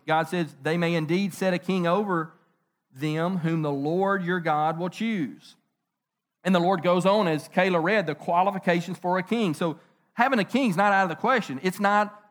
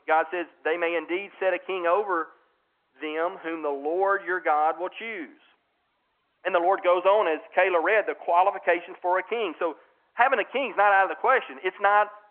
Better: first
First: none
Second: phone-call audio

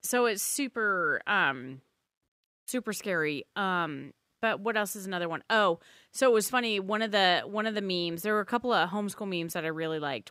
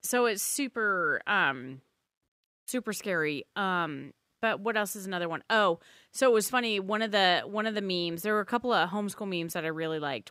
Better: neither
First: none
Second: none

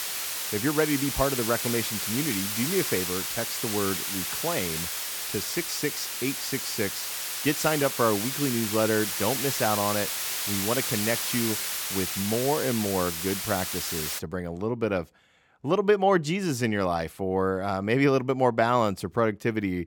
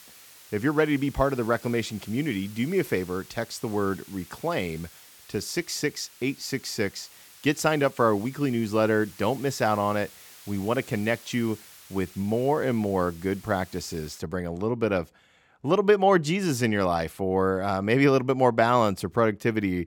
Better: second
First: hiss; loud; until 14 s; 1 dB below the speech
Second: hiss; faint; until 14 s; 20 dB below the speech

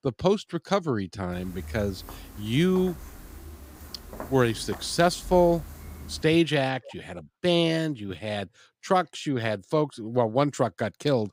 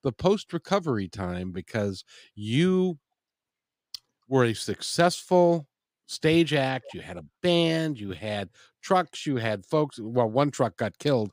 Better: second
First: footsteps; faint; from 1.5 to 6 s; peak 15 dB below the speech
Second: none

